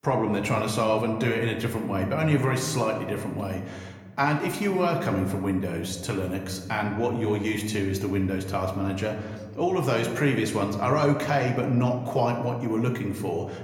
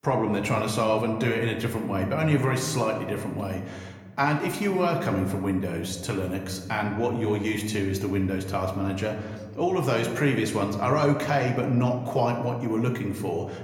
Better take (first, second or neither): neither